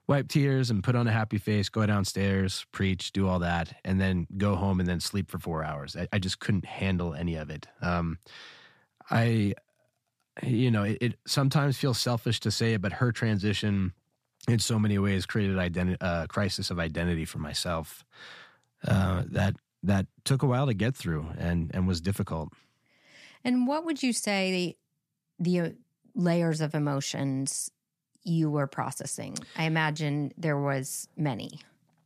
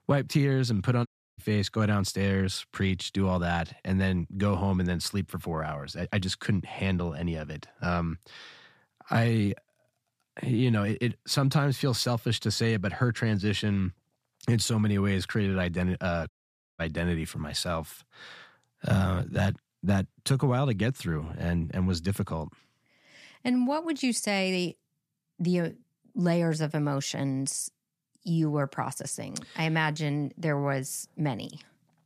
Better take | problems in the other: first | audio cutting out; at 1 s and at 16 s

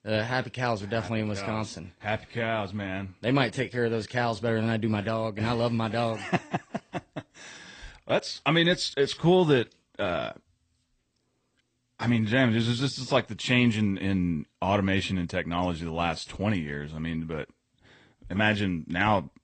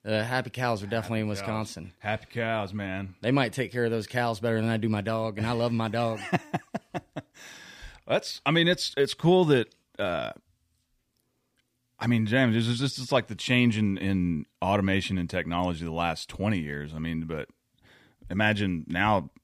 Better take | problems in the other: second | garbled, watery; slightly; nothing above 8.5 kHz

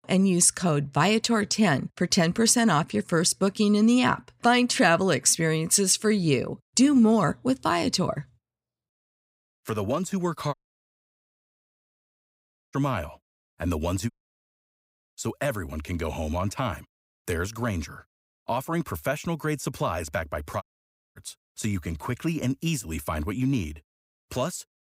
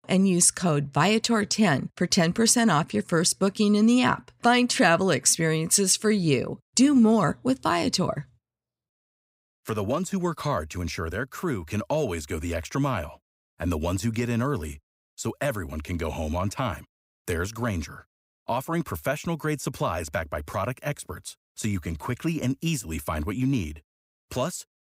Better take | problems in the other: second | audio cutting out; at 11 s for 2 s, at 14 s for 1 s and at 21 s for 0.5 s

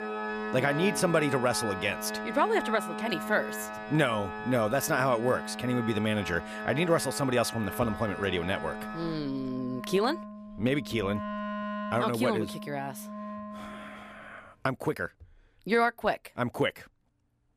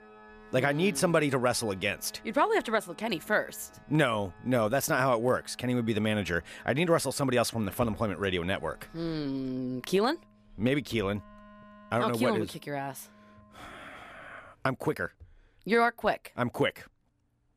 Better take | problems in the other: second | background music; loud; until 14 s; 8 dB below the speech; faint in the second

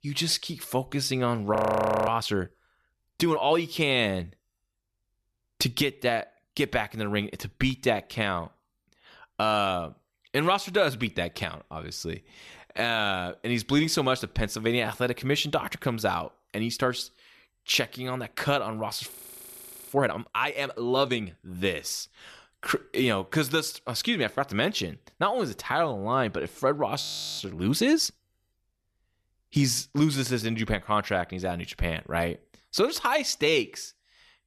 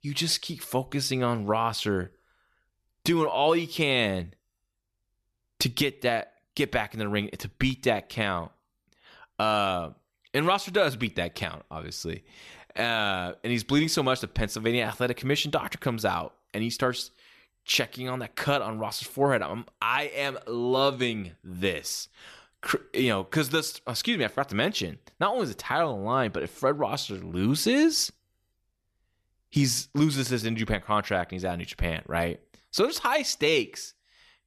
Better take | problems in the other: second | audio freezing; at 1.5 s for 0.5 s, at 19 s for 1 s and at 27 s

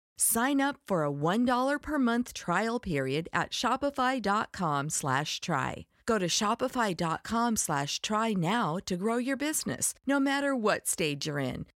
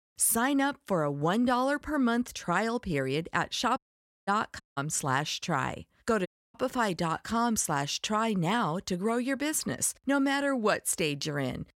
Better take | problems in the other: first | audio cutting out; at 4 s, at 4.5 s and at 6.5 s

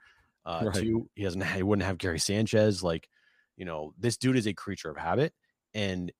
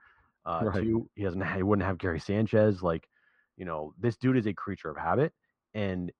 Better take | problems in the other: first | muffled; very; fading above 2 kHz

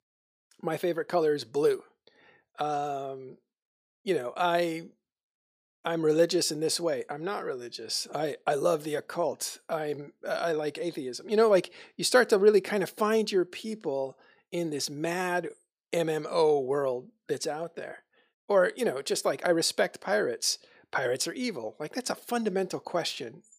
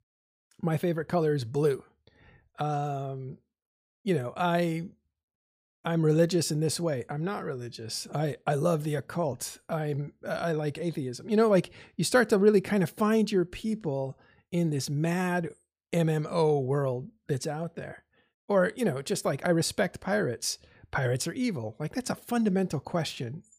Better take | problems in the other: second | thin; somewhat; fading below 350 Hz

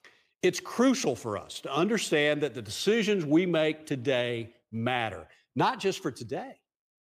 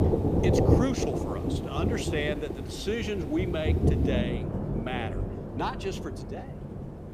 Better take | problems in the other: first | rain or running water; very loud; throughout; 4 dB above the speech

